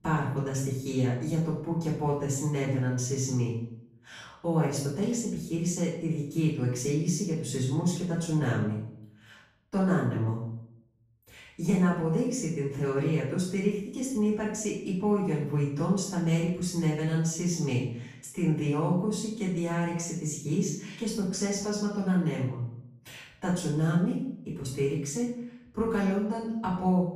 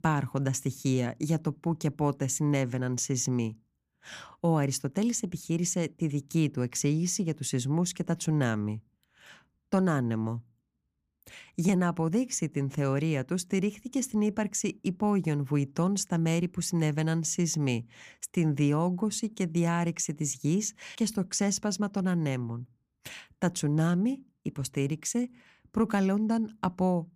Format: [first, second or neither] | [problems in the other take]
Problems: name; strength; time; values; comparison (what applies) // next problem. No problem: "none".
second | off-mic speech; far // room echo; noticeable; dies away in 0.6 s